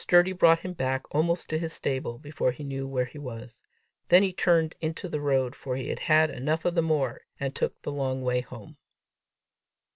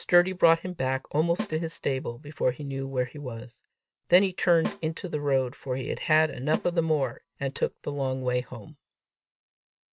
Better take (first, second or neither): first